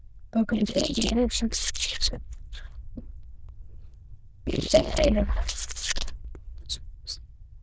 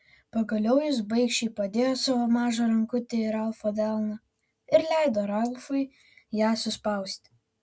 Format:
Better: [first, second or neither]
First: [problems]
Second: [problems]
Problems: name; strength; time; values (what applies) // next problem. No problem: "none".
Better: second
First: noise reduction (neural diffusion model UNIVERSE++)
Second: none